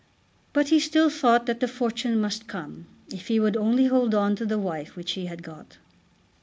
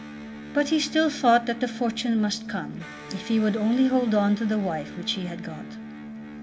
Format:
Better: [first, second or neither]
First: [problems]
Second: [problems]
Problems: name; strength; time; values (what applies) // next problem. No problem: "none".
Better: first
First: none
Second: background sound (Electric guitar); 13 dB below the speech // room echo; dies away in 0.4 s